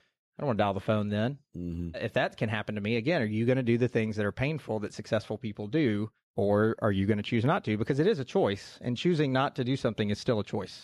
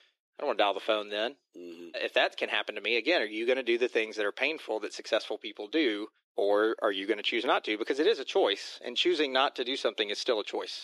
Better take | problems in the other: first | thin; very; fading below 300 Hz

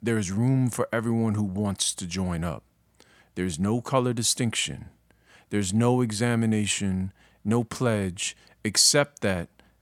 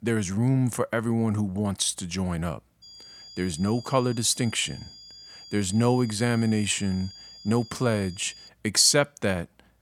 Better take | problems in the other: first | high-pitched whine; noticeable; from 3 to 8.5 s; 5 kHz, 20 dB below the speech

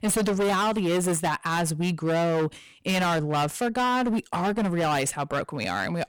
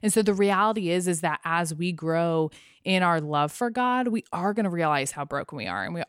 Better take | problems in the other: second | distortion; heavy; 24% of the sound clipped

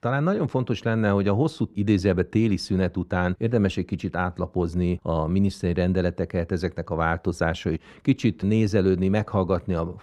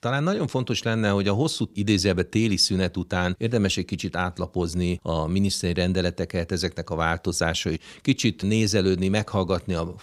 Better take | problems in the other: second | muffled; slightly; fading above 2.5 kHz

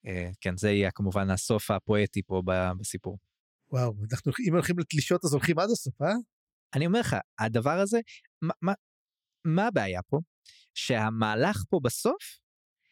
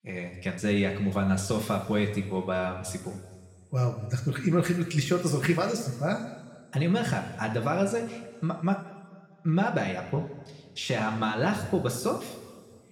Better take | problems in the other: first | room echo; slight; dies away in 1.5 s // off-mic speech; somewhat distant

